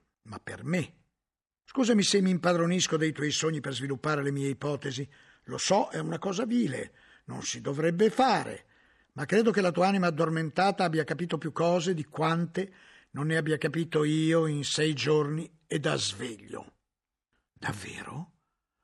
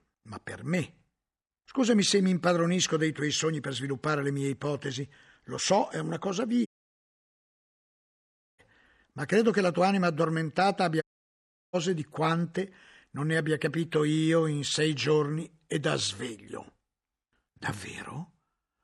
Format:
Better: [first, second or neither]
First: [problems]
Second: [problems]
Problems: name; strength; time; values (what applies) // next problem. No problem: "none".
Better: first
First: none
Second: audio cutting out; at 6.5 s for 2 s and at 11 s for 0.5 s